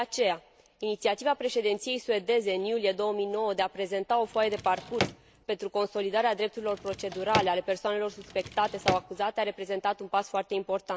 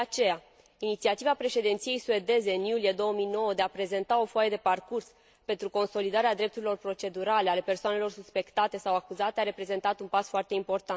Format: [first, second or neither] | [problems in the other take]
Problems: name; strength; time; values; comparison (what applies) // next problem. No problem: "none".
second | background sound (Drawer open or close); 7 dB below the speech